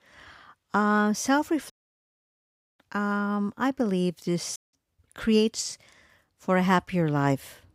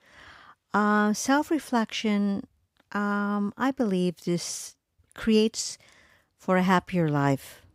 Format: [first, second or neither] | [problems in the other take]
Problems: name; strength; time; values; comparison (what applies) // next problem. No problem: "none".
second | audio cutting out; at 1.5 s for 1 s and at 4.5 s